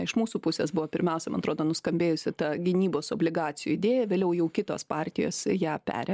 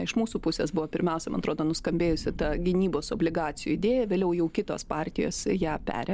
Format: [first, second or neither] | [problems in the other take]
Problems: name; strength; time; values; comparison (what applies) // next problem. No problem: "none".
first | background sound (Thunder); 13 dB below the speech